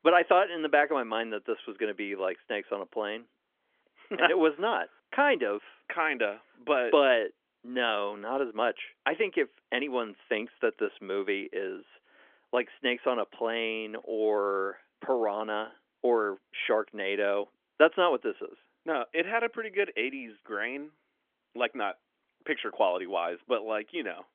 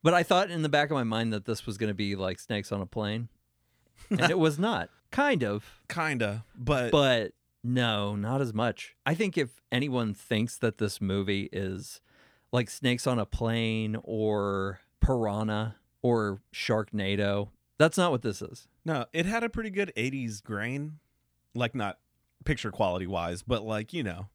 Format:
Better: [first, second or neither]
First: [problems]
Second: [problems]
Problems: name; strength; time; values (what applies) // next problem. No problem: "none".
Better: second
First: phone-call audio; nothing above 3.5 kHz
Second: none